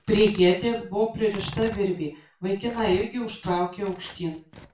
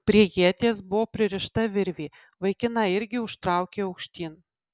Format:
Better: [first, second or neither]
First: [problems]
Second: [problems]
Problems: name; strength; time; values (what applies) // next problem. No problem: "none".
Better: second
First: background sound (Tearing); 18 dB below the speech // room echo; dies away in 0.3 s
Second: none